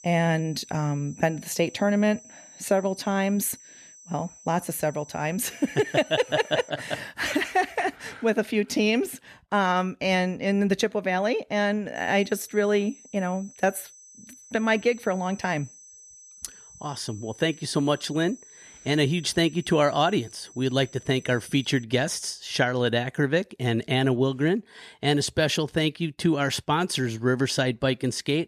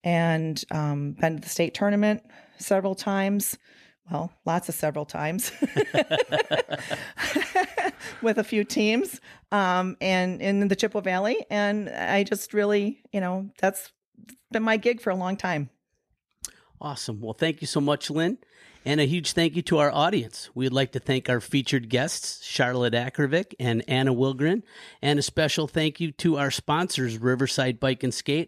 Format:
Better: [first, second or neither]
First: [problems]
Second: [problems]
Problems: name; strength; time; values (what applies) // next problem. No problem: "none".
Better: second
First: high-pitched whine; faint; until 6.5 s and from 12 to 22 s; 6 kHz, 20 dB below the speech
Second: none